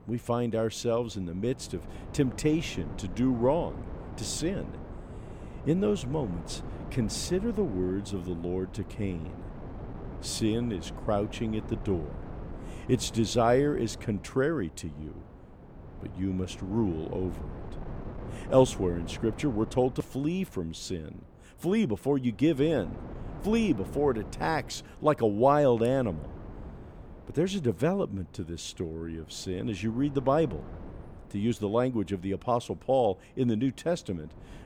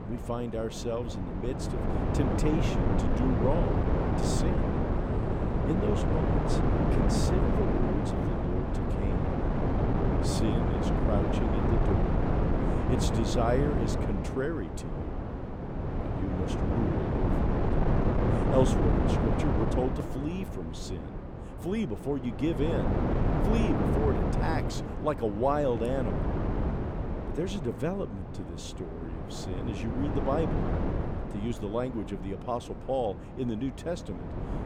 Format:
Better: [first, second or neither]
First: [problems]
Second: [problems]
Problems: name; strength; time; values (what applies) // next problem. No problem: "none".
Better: first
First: wind noise on the microphone; occasional gusts; 15 dB below the speech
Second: wind noise on the microphone; heavy; 1 dB above the speech